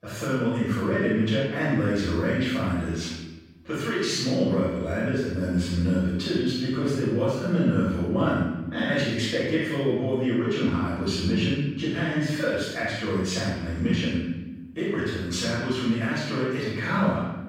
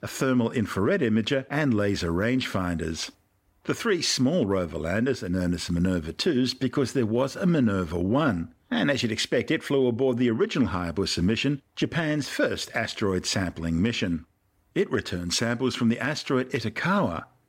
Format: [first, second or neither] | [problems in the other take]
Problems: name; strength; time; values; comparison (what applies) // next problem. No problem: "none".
second | off-mic speech; far // room echo; strong; dies away in 1 s